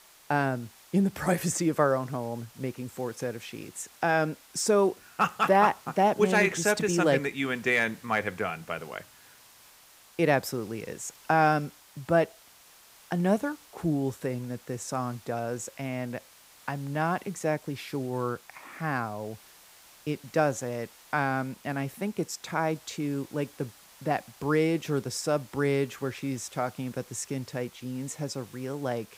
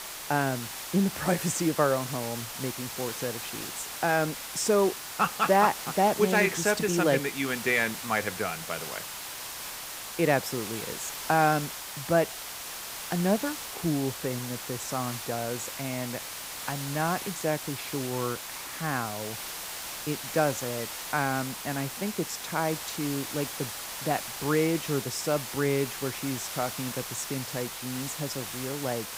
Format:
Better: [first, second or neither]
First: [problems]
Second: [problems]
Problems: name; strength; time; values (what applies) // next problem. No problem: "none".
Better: first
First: hiss; faint; throughout; 25 dB below the speech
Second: hiss; loud; throughout; 6 dB below the speech